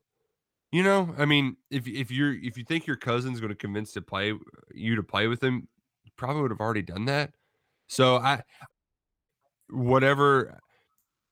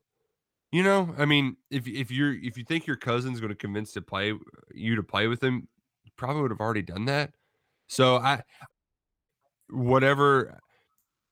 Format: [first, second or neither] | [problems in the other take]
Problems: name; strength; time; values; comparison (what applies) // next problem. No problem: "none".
neither | audio cutting out; at 8.5 s for 0.5 s; the same in both